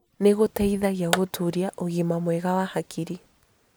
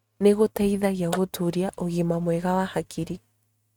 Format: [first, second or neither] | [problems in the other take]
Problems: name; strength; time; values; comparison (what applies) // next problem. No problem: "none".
first | noise reduction (neural mask model RNNoise)